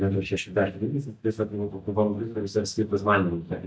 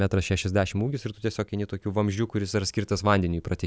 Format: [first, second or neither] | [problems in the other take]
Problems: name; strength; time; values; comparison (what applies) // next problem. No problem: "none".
second | noise reduction (neural mask model DeepFilterNet 3)